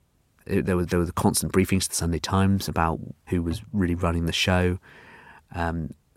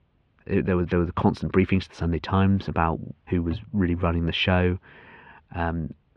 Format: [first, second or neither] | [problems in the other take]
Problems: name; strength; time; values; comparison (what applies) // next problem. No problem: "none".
first | muffled; very; fading above 3 kHz